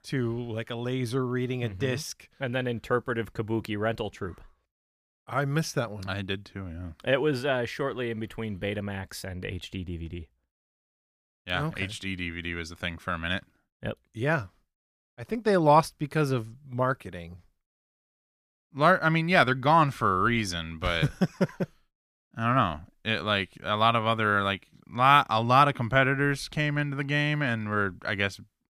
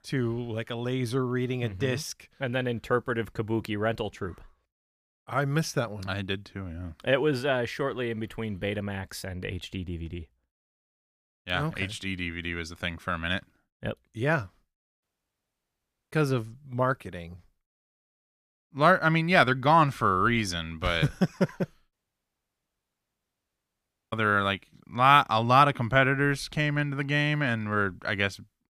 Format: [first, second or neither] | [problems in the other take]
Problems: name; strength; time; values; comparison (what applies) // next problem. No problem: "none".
first | audio cutting out; at 15 s for 1 s and at 22 s for 2 s